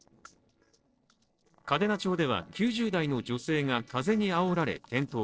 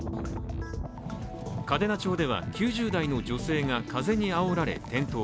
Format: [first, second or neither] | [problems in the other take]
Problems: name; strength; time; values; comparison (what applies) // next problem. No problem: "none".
second | noise reduction (neural separator model SepFormer DNS4)